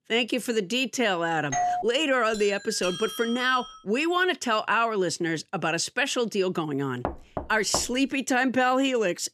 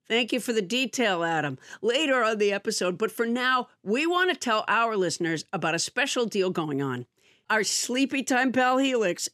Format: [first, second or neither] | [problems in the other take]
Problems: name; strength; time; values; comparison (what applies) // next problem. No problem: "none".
second | doorbell; noticeable; at 1.5 s and from 2.5 to 4 s; peak 1 dB below the speech // door banging; noticeable; at 7 s; peak 9 dB below the speech